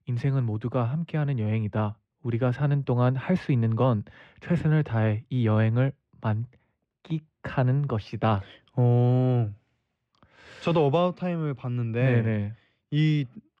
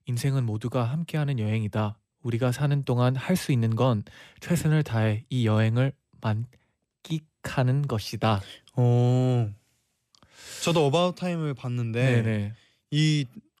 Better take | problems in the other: second | muffled; very; fading above 2 kHz

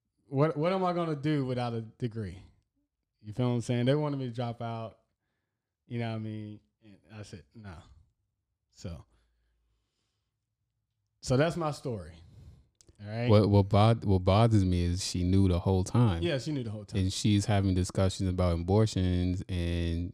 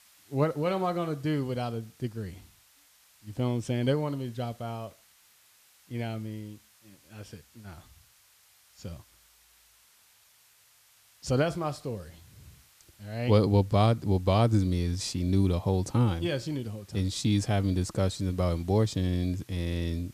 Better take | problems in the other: first | hiss; faint; throughout; 30 dB below the speech

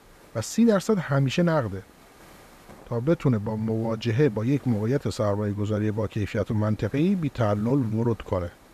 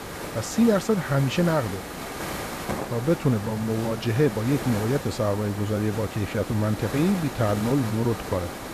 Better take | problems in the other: first | hiss; loud; throughout; 9 dB below the speech; faint in the first

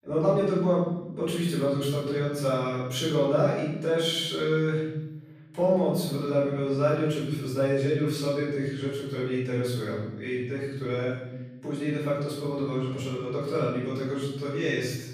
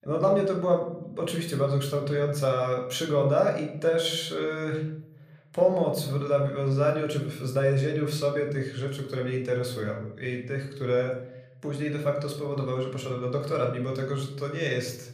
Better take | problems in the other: second | room echo; strong; dies away in 1.1 s; slight in the second // off-mic speech; far; somewhat distant in the second

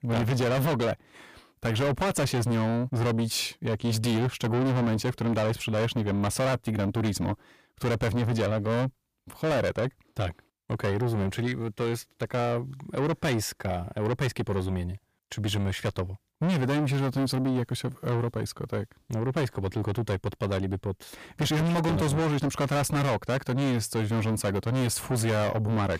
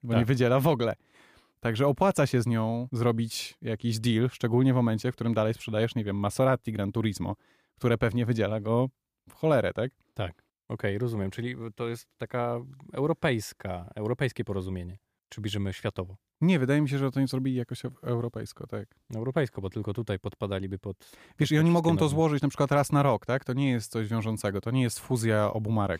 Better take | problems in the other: second | distortion; heavy; 6 dB below the speech

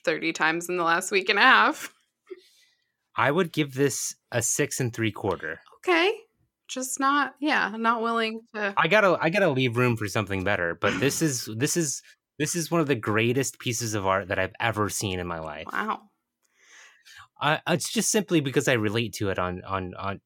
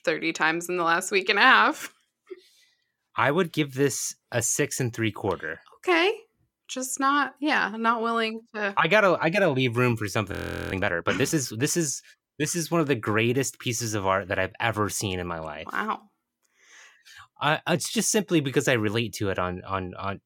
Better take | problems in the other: first | audio freezing; at 10 s

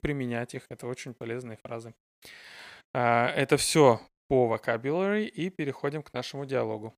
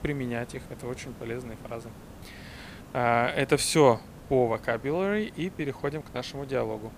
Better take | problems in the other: first | hiss; noticeable; throughout; 20 dB below the speech

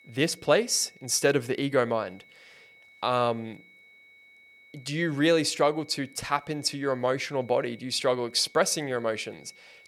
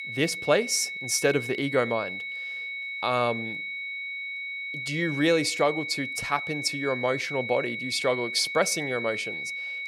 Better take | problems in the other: first | high-pitched whine; loud; throughout; 2 kHz, 5 dB below the speech; faint in the first

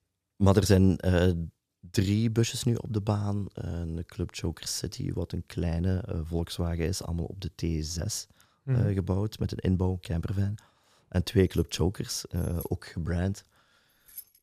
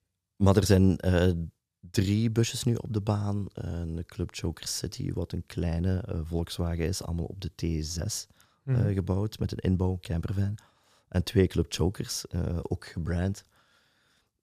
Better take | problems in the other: second | household noises; noticeable; throughout; 20 dB below the speech

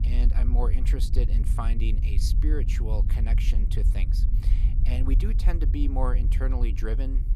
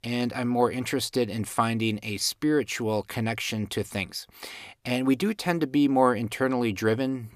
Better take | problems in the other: second | low rumble; loud; throughout; 7 dB below the speech

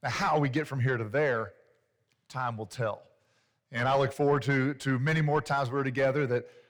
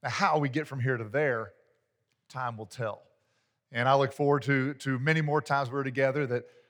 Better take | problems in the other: second | distortion; slight; 10 dB below the speech

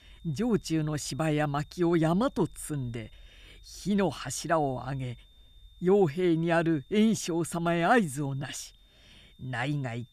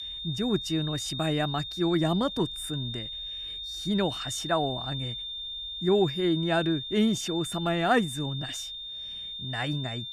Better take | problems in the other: first | high-pitched whine; loud; throughout; 3.5 kHz, 6 dB below the speech; faint in the first

